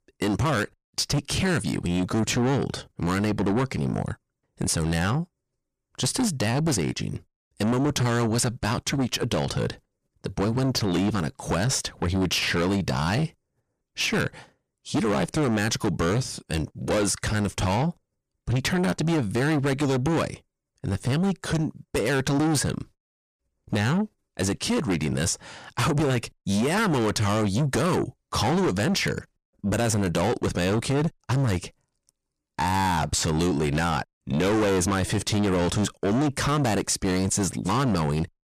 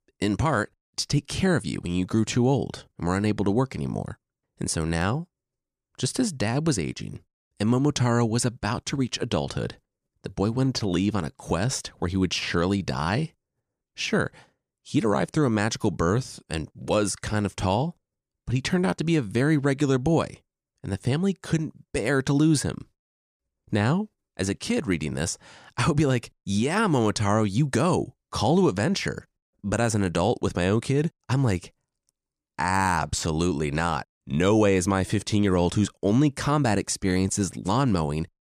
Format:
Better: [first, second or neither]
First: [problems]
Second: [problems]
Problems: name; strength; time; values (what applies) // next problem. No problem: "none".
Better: second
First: distortion; heavy; 6 dB below the speech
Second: none